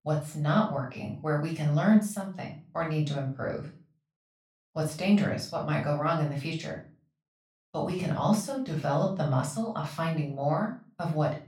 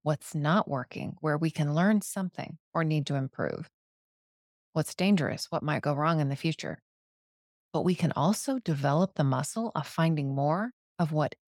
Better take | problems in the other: second | off-mic speech; far // room echo; slight; dies away in 0.3 s

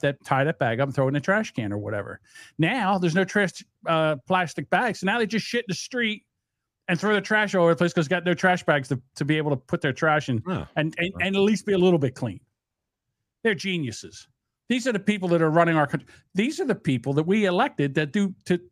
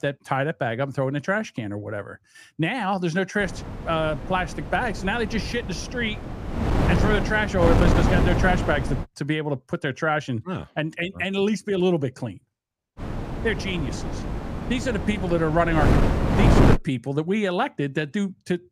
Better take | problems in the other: first | wind noise on the microphone; heavy; from 3.5 to 9 s and from 13 to 17 s; 3 dB below the speech

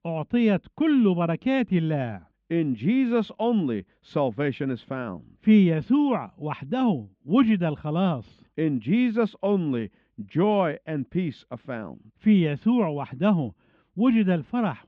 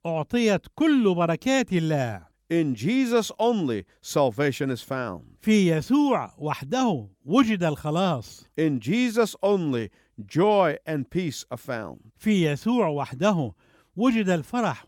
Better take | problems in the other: second | muffled; very; fading above 3 kHz

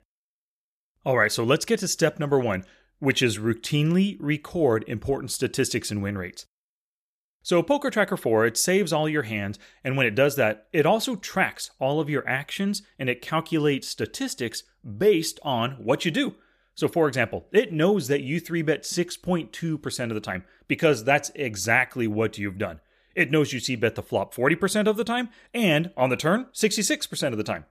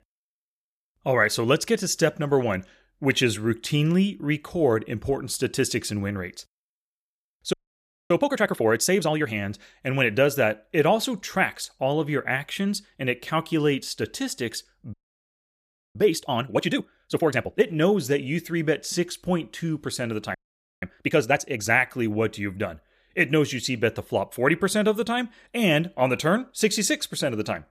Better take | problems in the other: first | audio freezing; at 7.5 s for 0.5 s, at 15 s for 1 s and at 20 s

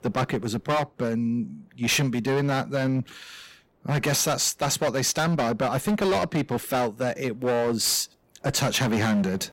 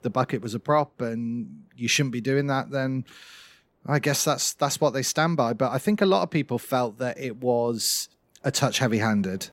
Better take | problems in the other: second | distortion; heavy; 16% of the sound clipped

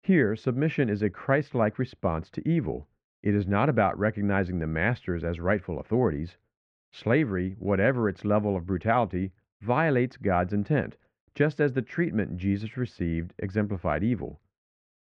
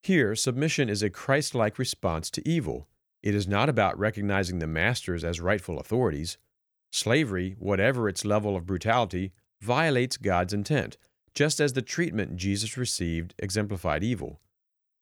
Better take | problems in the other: second | muffled; very; fading above 2 kHz

